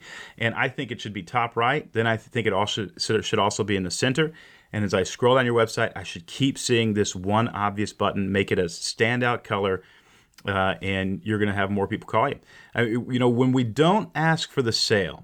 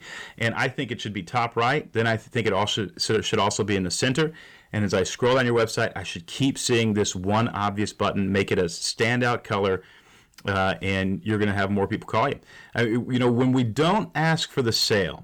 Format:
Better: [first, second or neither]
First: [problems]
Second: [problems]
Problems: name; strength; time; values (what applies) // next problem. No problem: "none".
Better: first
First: none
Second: distortion; slight; 10 dB below the speech